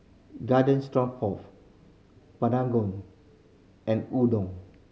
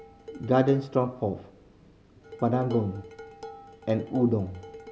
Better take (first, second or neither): first